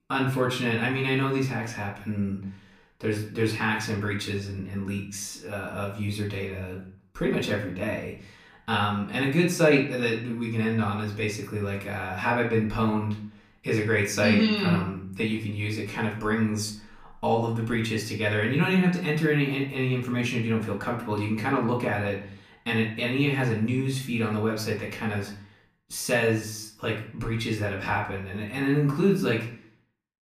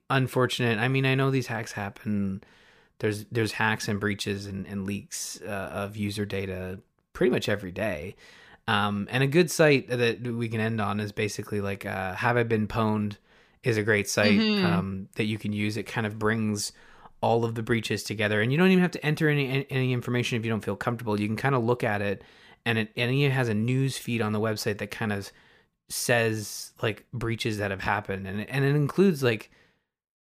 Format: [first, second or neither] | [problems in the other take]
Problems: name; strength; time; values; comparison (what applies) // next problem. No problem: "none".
second | room echo; slight; dies away in 0.4 s // off-mic speech; far